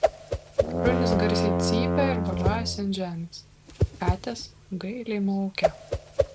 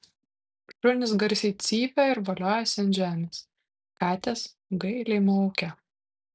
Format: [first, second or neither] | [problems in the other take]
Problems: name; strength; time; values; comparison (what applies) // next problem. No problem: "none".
second | background sound (Whoosh, swoosh, swish + Brass instrument); 4 dB above the speech